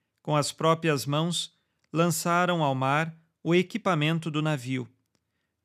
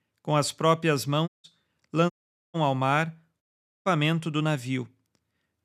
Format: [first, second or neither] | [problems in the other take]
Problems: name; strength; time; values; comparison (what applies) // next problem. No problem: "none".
first | audio cutting out; at 1.5 s, at 2 s and at 3.5 s